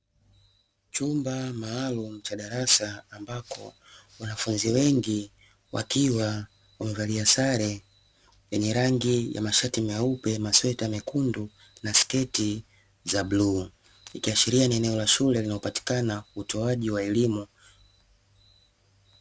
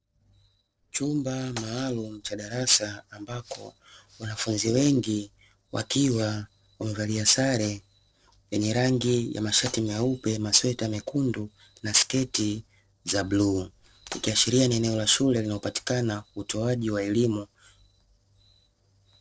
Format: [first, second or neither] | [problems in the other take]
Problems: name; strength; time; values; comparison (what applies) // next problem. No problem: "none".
first | noise reduction (neural separator model SepFormer DNS4)